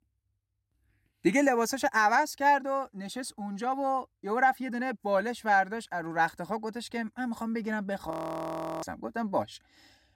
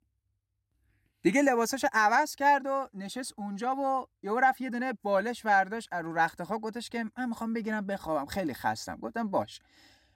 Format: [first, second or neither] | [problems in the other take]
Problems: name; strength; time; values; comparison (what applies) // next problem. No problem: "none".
second | audio freezing; at 8 s for 0.5 s